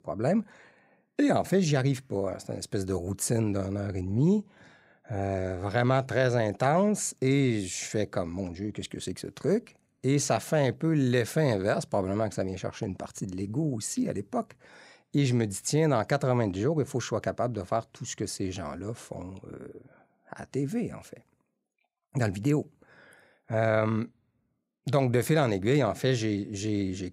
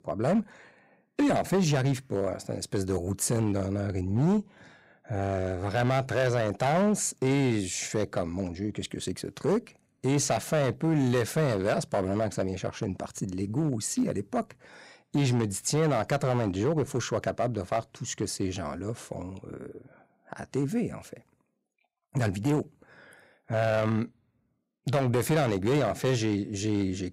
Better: first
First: none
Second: distortion; slight; 6% of the sound clipped

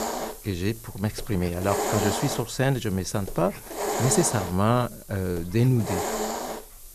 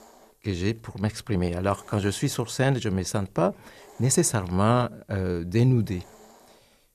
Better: second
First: hiss; loud; throughout; 5 dB below the speech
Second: hiss; faint; throughout; 30 dB below the speech

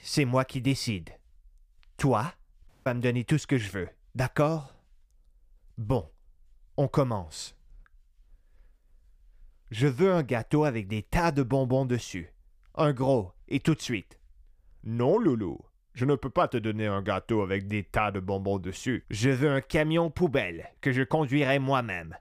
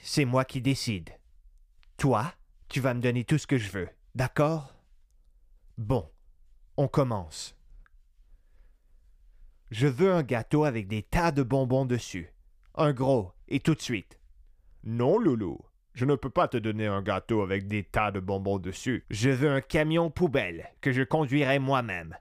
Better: second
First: audio cutting out; at 2.5 s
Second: none

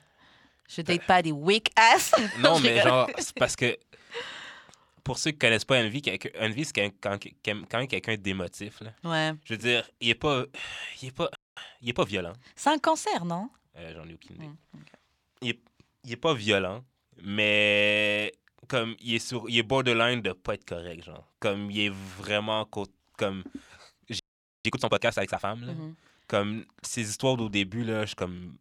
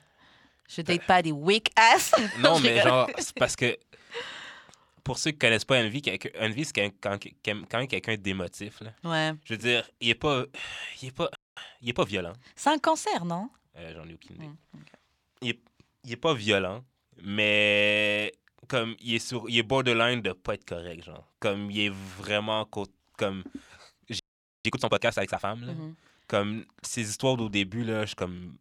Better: neither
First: audio freezing; at 11 s and at 24 s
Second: audio freezing; at 11 s and at 24 s

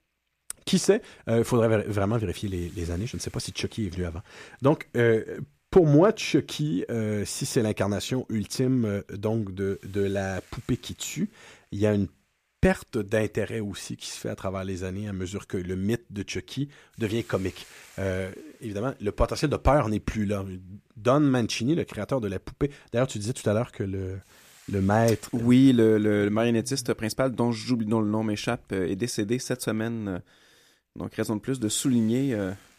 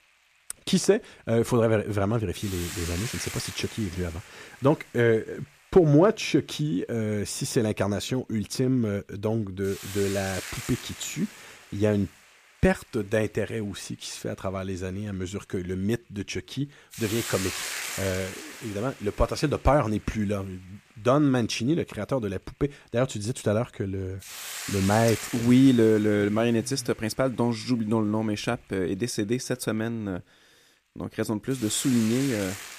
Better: first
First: hiss; faint; throughout; 30 dB below the speech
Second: hiss; loud; throughout; 10 dB below the speech

